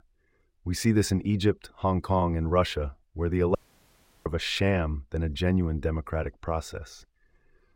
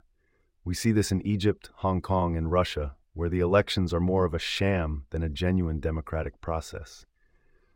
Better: second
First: audio cutting out; at 3.5 s for 0.5 s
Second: none

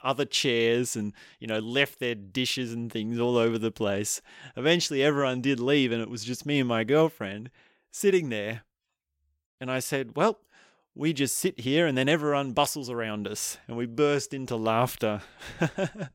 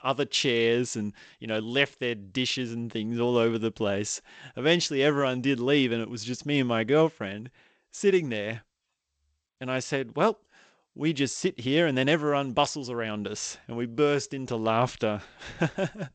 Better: first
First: none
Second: garbled, watery; slightly; nothing above 8 kHz

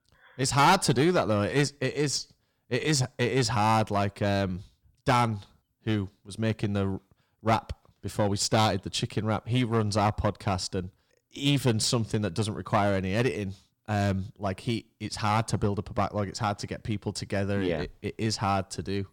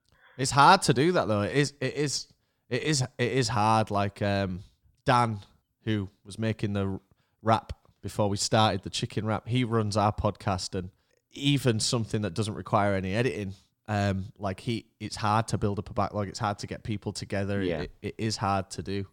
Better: second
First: distortion; slight; 3% of the sound clipped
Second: none

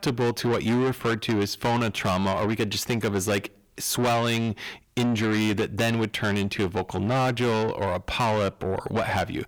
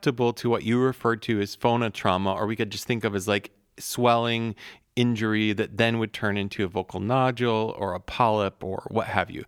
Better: second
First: distortion; heavy; 6 dB below the speech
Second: none

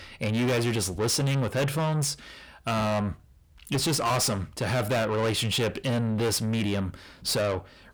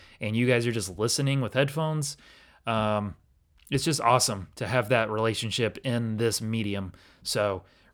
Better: second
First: distortion; heavy; 6 dB below the speech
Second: none

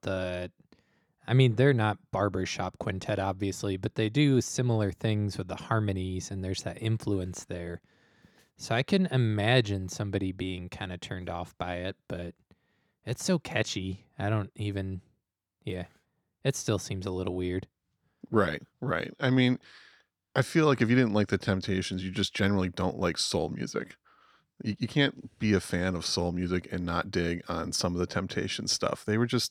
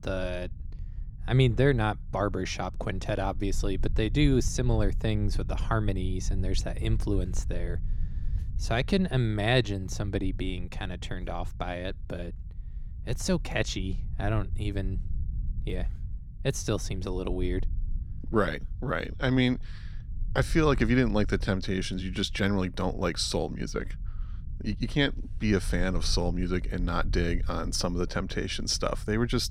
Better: first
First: none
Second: low rumble; faint; throughout; 25 dB below the speech

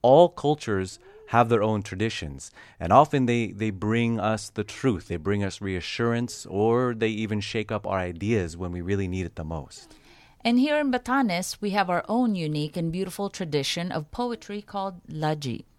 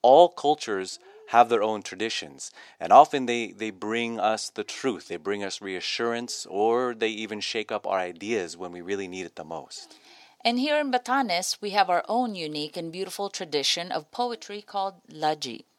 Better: first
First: none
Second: thin; somewhat; fading below 350 Hz

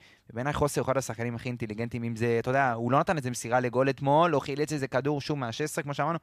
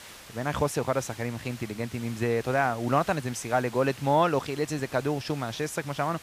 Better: first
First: none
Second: hiss; noticeable; throughout; 15 dB below the speech

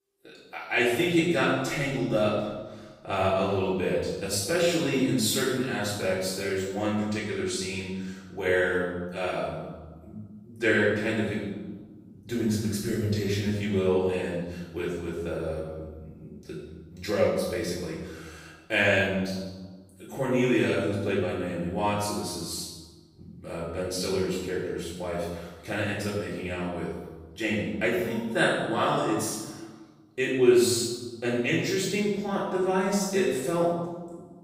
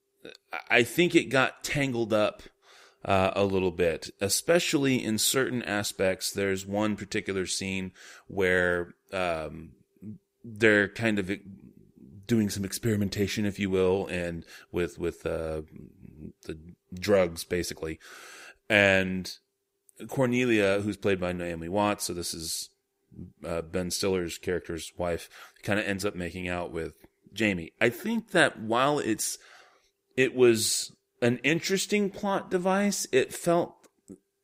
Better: second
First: off-mic speech; far // room echo; noticeable; dies away in 1.2 s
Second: none

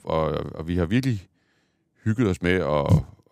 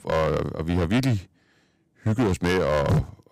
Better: first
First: none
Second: distortion; heavy; 12% of the sound clipped

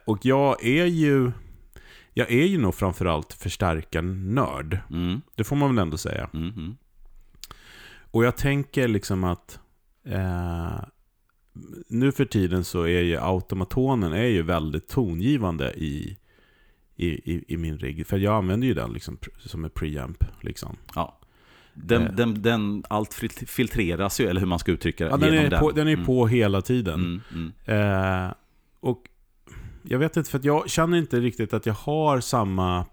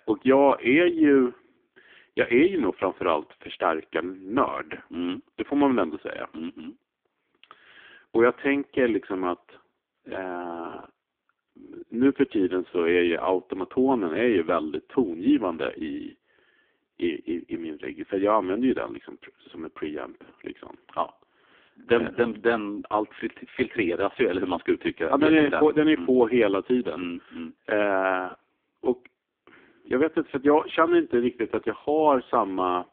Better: first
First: none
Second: phone-call audio; poor line

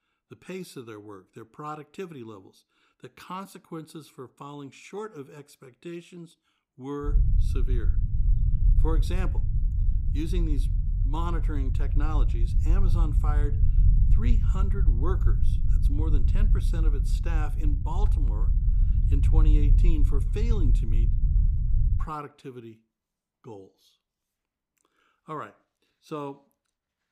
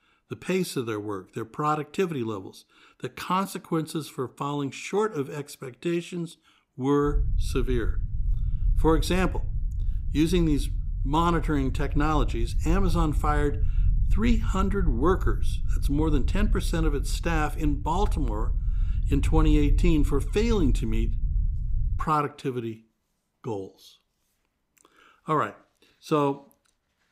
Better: second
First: low rumble; loud; from 7 to 22 s; 5 dB below the speech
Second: low rumble; faint; from 7 to 22 s; 20 dB below the speech

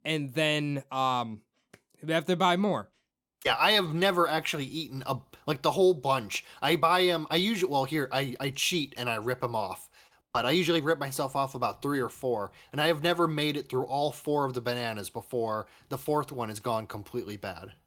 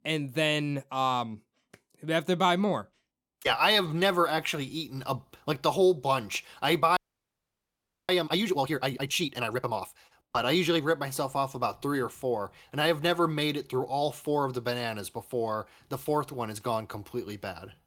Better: first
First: none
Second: audio freezing; at 7 s for 1 s

